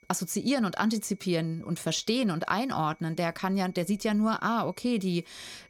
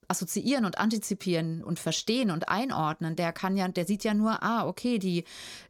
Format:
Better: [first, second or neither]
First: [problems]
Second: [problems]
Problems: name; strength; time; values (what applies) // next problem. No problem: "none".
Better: second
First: high-pitched whine; faint; throughout; 2.5 kHz, 30 dB below the speech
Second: none